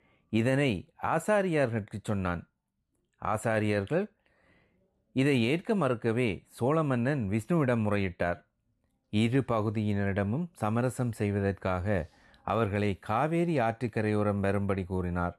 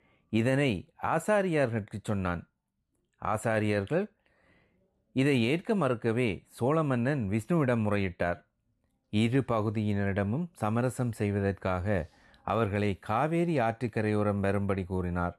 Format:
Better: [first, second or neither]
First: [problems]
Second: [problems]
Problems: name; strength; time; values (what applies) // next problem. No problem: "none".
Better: neither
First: none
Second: none